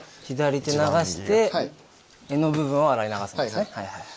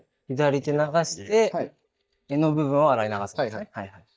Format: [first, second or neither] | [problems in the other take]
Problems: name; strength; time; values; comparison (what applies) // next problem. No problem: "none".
first | noise reduction (neural mask model DeepFilterNet 3)